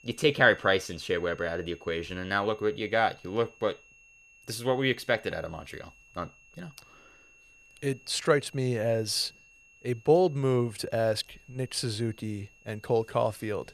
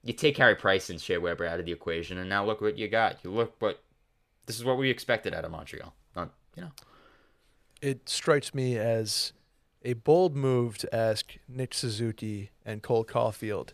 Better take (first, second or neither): second